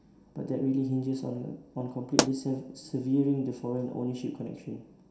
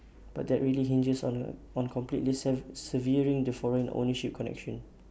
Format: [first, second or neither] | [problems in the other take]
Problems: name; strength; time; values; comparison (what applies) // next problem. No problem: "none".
second | background sound (Explosion); 3 dB below the speech // room echo; dies away in 0.7 s